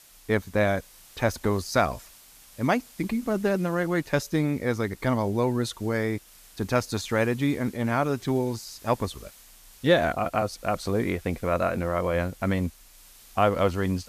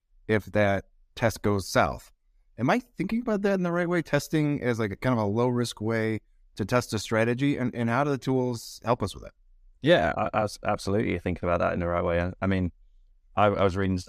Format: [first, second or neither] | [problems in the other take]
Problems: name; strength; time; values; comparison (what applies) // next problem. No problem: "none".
second | hiss; faint; throughout; 25 dB below the speech